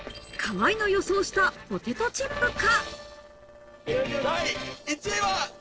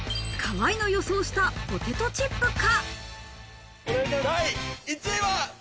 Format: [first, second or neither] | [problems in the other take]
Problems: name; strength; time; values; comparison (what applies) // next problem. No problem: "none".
second | noise reduction (neural separator model SepFormer DNS4)